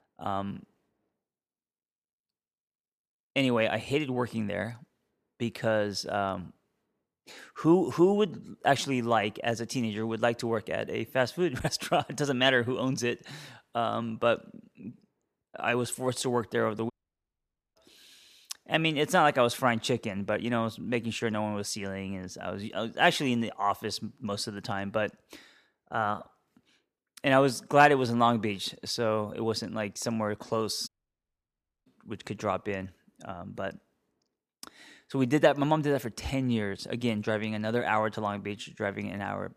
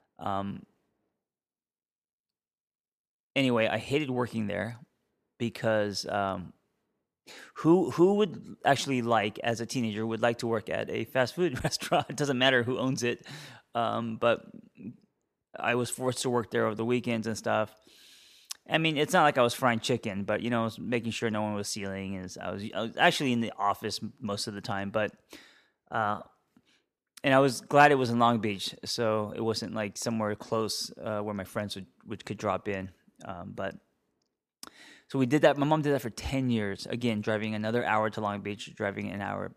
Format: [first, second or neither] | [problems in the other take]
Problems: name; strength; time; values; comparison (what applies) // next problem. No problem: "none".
second | audio cutting out; at 17 s for 1 s and at 31 s for 1 s